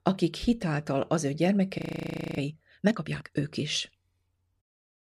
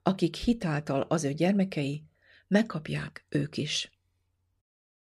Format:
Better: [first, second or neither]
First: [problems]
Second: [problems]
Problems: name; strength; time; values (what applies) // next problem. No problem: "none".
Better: second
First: audio freezing; at 2 s for 0.5 s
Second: none